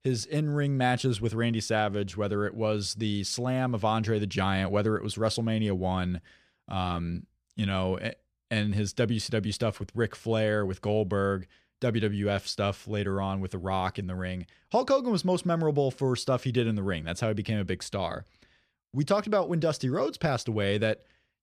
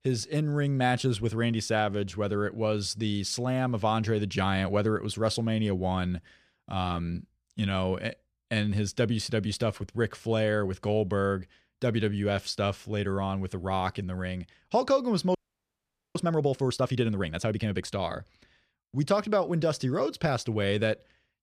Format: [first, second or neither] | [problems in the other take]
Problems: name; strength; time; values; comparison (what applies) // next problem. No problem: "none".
first | audio freezing; at 15 s for 1 s